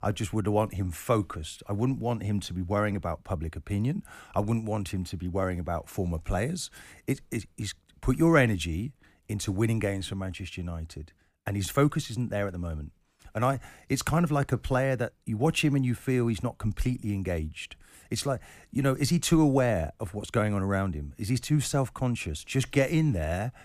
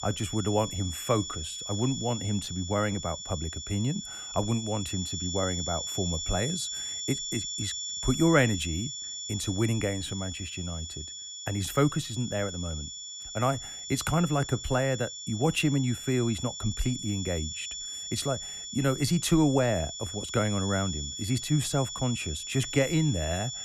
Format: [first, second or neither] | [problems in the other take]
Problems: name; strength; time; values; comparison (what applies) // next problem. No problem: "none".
first | high-pitched whine; loud; throughout; 3.5 kHz, 6 dB below the speech